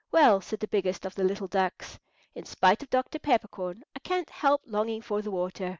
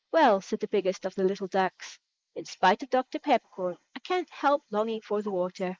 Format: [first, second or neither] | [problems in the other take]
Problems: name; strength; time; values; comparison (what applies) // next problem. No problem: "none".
first | noise reduction (neural mask model Resemble Enhance denoiser)